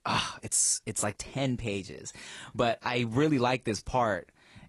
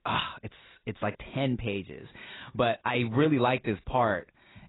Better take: first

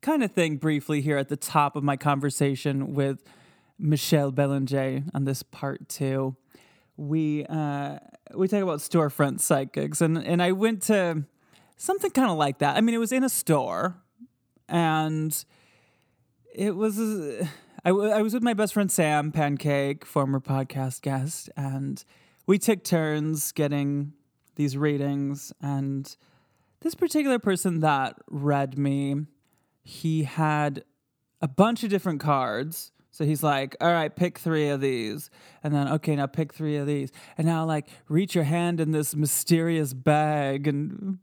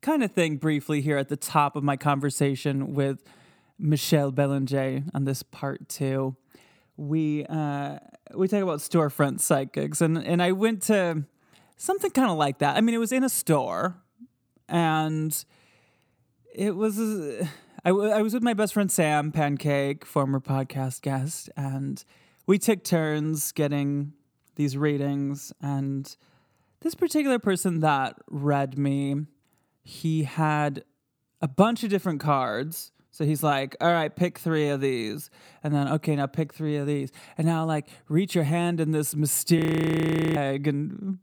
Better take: first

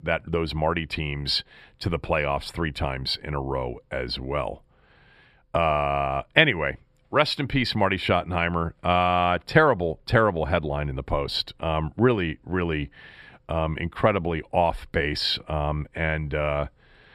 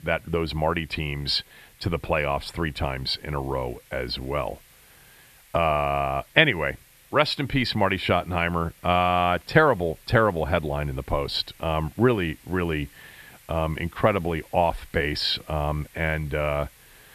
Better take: first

